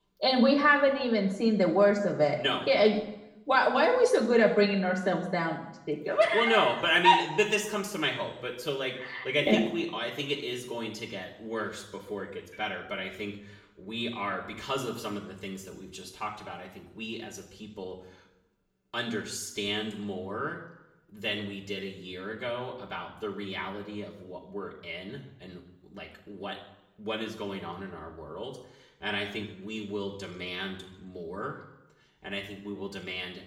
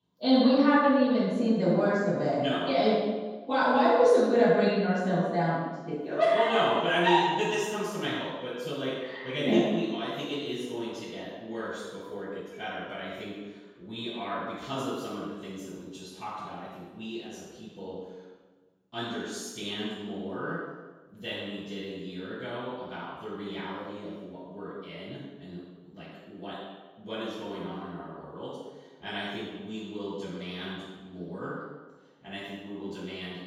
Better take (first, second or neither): first